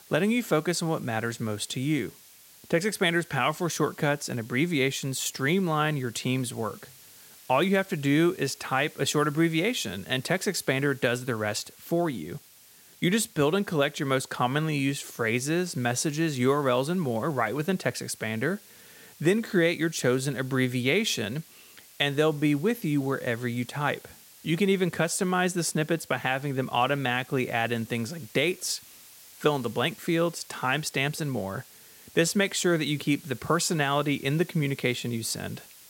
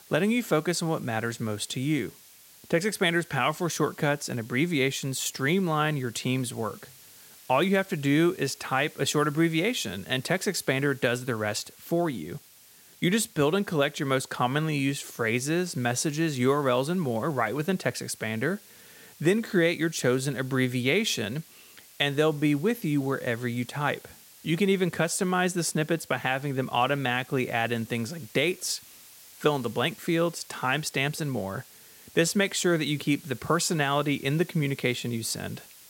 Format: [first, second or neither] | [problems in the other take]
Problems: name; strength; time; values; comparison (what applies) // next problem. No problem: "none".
neither | hiss; faint; throughout; 20 dB below the speech; the same in both